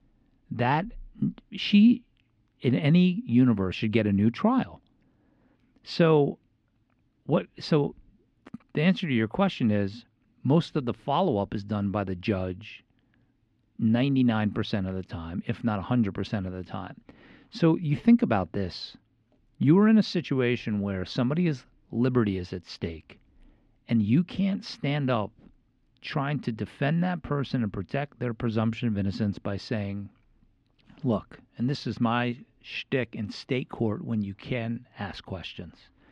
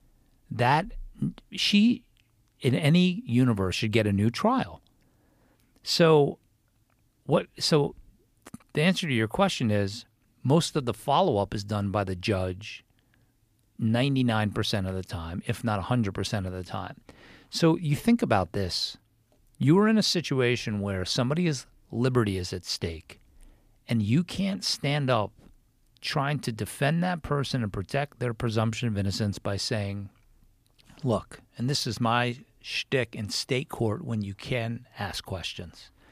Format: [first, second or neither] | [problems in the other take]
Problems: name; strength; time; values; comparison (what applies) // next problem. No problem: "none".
second | muffled; slightly; fading above 3 kHz